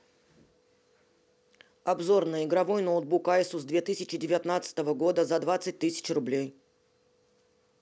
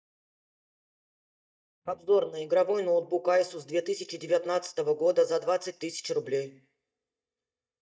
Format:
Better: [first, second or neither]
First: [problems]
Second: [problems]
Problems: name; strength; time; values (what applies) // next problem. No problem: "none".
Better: first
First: none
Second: noise reduction (neural mask model DeepFilterNet 3)